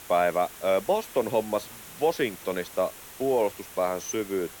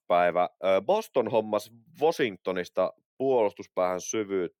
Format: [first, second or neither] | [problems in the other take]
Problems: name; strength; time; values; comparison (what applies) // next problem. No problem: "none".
second | hiss; noticeable; throughout; 15 dB below the speech